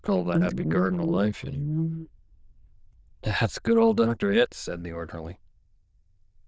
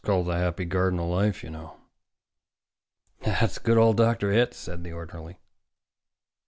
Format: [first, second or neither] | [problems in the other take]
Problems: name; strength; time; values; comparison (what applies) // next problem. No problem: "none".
second | noise reduction (neural diffusion model UNIVERSE++)